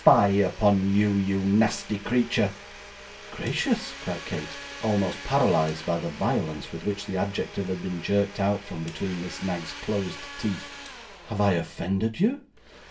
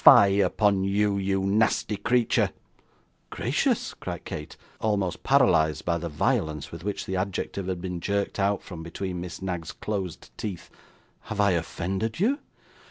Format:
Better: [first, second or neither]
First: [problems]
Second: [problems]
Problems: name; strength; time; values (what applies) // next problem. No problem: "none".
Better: second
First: background sound (Domestic sounds, home sounds); 16 dB below the speech // room echo; dies away in 0.2 s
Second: none